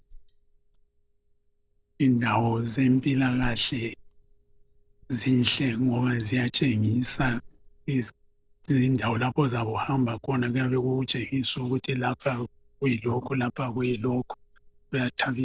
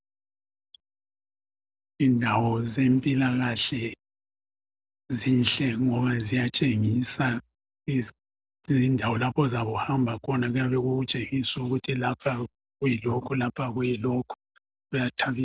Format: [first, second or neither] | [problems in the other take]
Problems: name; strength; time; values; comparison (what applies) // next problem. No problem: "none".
second | noise reduction (neural separator model SepFormer DNS4)